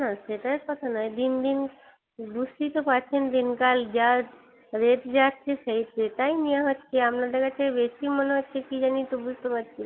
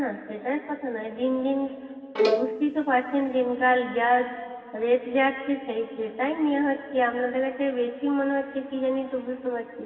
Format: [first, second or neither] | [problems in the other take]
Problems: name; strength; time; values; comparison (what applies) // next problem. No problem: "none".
first | background sound (Bowed string instrument); 2 dB below the speech // room echo; dies away in 2.4 s